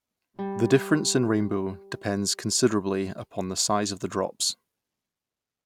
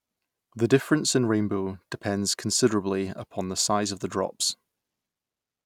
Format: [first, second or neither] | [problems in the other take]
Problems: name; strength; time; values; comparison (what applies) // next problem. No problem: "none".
second | background sound (Guitar); 13 dB below the speech